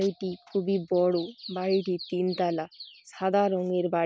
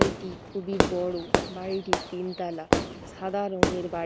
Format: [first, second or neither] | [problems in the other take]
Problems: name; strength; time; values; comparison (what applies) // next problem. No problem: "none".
first | background sound (Fireworks); 4 dB above the speech